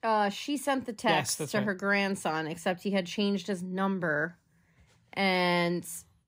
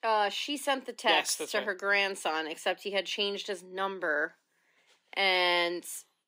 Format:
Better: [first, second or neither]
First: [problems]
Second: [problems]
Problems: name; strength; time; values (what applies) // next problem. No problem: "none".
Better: first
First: none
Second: thin; somewhat; fading below 300 Hz